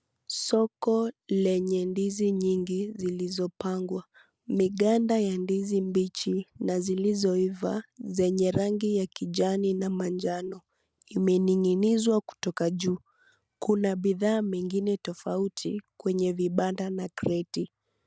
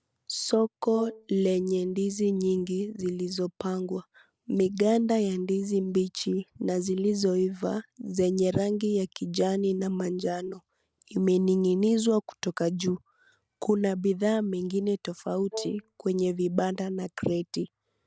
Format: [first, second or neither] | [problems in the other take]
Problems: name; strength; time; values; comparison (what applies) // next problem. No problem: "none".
first | background sound (Wind instrument, woodwind instrument); 12 dB below the speech